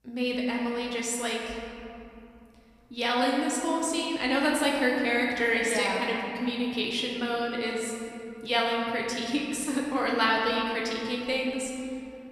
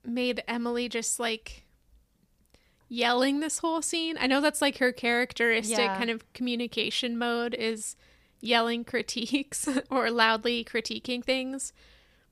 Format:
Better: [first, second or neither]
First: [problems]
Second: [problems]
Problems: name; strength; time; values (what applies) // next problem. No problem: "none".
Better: second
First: room echo; noticeable; dies away in 2.7 s // off-mic speech; somewhat distant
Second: none